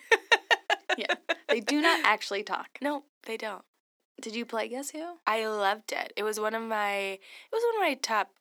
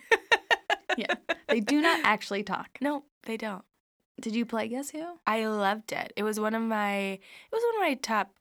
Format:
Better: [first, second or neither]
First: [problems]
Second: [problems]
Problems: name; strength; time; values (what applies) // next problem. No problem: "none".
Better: second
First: thin; very slightly; fading below 300 Hz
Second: none